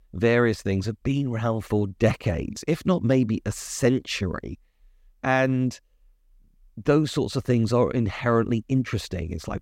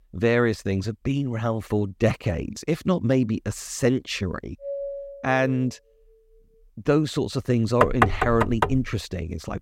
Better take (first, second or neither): first